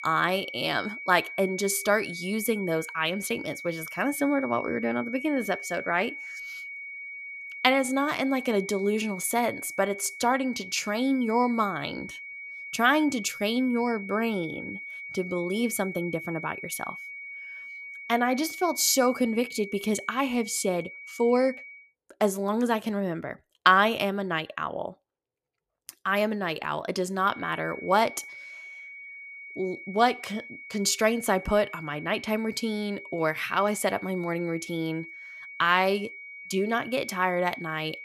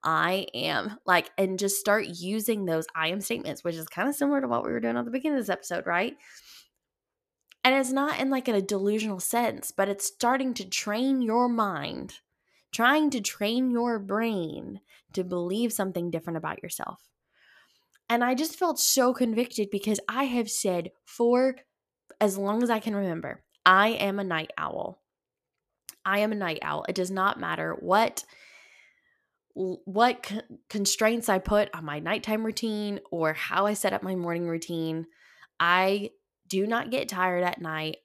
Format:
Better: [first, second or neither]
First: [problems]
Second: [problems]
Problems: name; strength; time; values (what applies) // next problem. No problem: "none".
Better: second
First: high-pitched whine; noticeable; until 22 s and from 27 s on; 2 kHz, 10 dB below the speech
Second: none